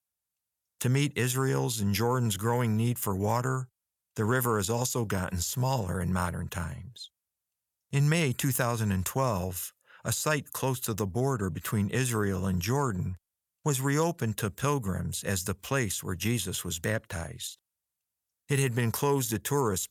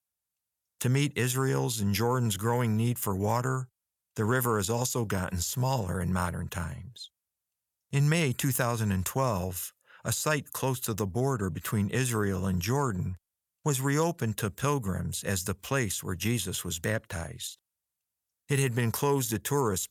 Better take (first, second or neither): neither